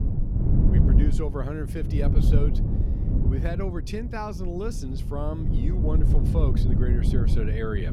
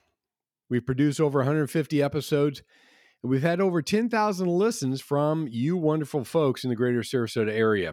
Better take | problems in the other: second | low rumble; loud; throughout; 2 dB below the speech

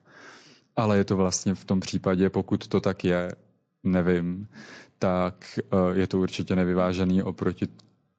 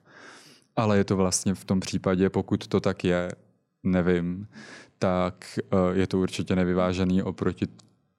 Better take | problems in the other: second | garbled, watery; slightly; nothing above 7.5 kHz

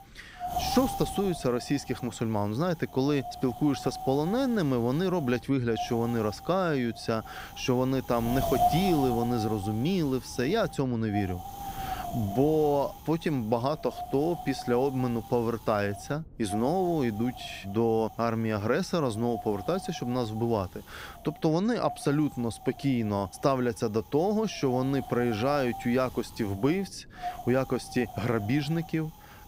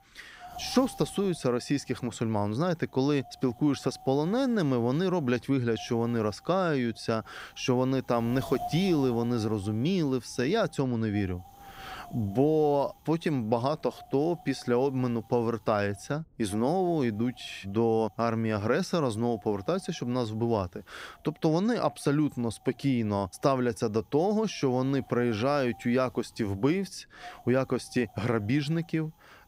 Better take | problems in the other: second | wind noise on the microphone; heavy; 7 dB below the speech; occasional gusts in the second

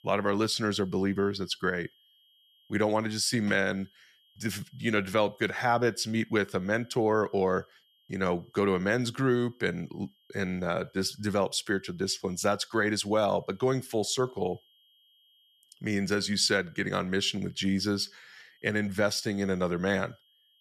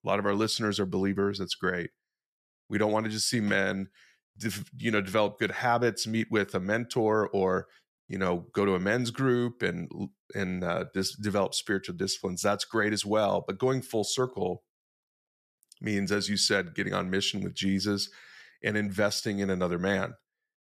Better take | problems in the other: second | high-pitched whine; faint; throughout; 3 kHz, 35 dB below the speech

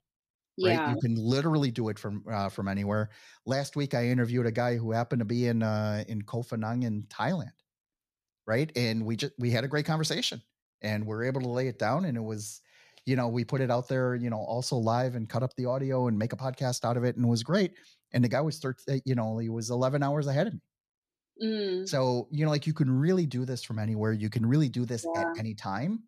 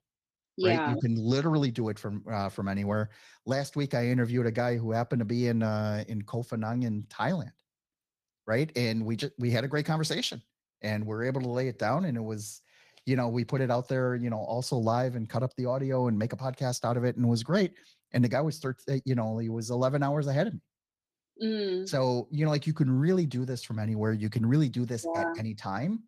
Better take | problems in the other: first | garbled, watery; slightly; nothing above 14.5 kHz

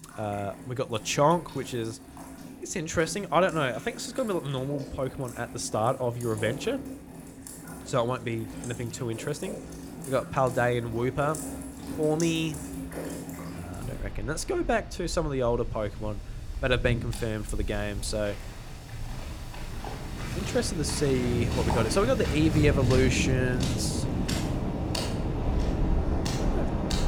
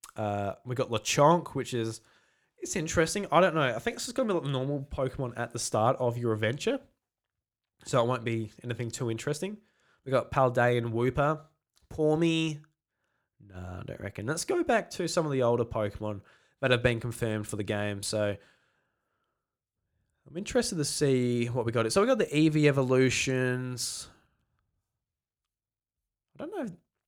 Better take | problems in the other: second | rain or running water; loud; throughout; 5 dB below the speech

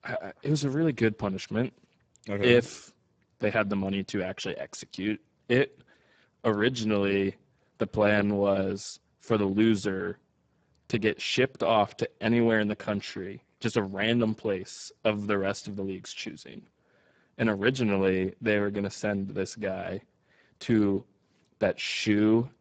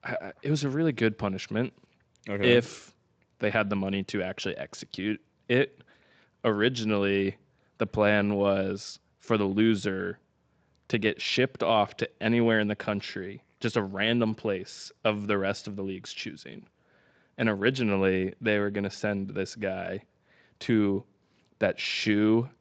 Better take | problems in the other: second | garbled, watery; badly; nothing above 8 kHz; slightly in the second

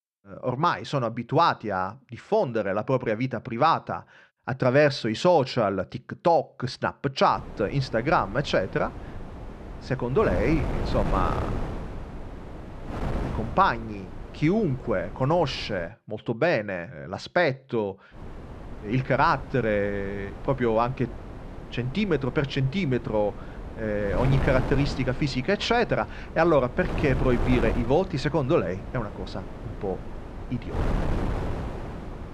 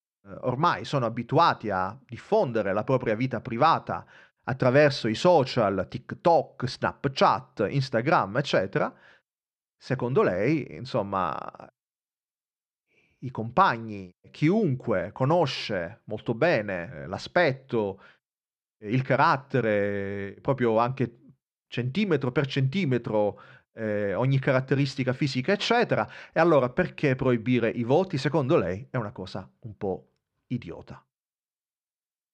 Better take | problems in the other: second | wind noise on the microphone; occasional gusts; from 7.5 to 16 s and from 18 s on; 15 dB below the speech

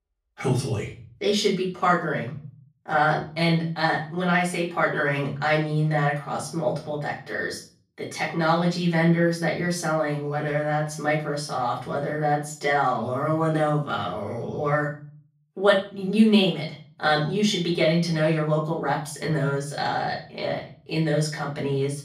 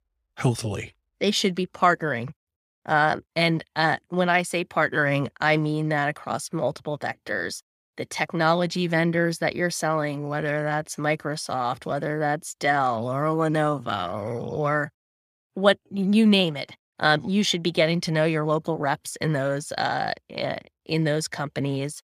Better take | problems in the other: second | off-mic speech; far // room echo; slight; dies away in 0.4 s

